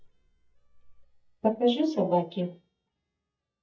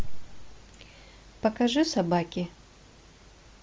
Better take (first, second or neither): second